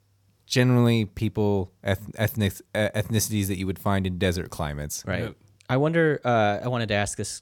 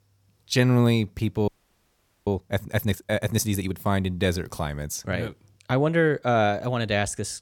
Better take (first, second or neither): first